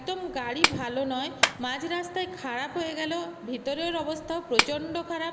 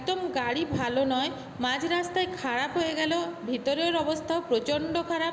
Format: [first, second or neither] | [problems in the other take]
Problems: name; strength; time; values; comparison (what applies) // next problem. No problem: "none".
second | background sound (Clapping); 2 dB below the speech